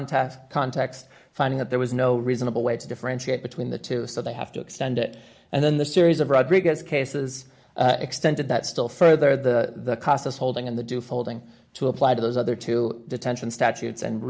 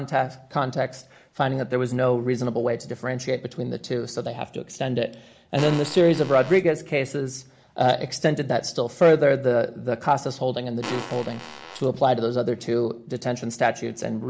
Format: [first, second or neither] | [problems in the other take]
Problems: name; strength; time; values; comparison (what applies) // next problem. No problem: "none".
first | background sound (Fart); 13 dB below the speech